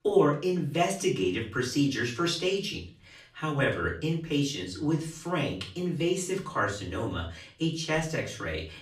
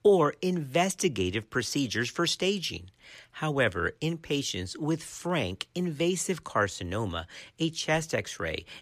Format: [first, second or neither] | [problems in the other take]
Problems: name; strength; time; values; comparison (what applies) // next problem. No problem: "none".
second | off-mic speech; far // room echo; slight; dies away in 0.4 s